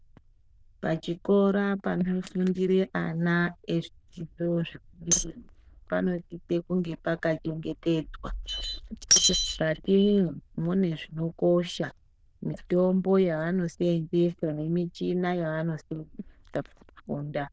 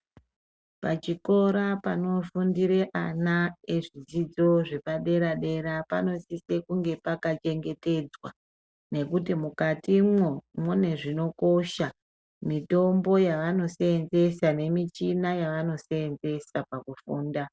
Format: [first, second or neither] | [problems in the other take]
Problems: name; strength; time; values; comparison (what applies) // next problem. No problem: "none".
second | noise reduction (neural diffusion model UNIVERSE++)